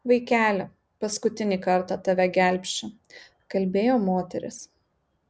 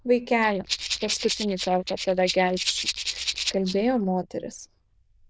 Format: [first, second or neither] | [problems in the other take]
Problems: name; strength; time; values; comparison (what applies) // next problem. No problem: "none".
first | noise reduction (neural diffusion model UNIVERSE++)